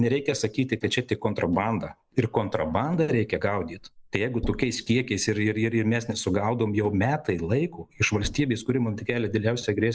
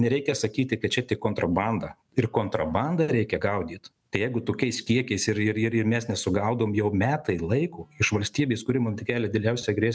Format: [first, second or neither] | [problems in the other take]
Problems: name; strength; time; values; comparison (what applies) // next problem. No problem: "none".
second | noise reduction (neural mask model Resemble Enhance denoiser)